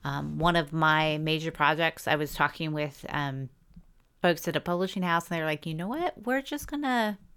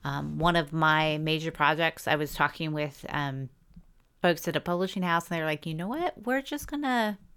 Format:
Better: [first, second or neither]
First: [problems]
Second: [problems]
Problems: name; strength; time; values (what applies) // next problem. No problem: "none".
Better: neither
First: none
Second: none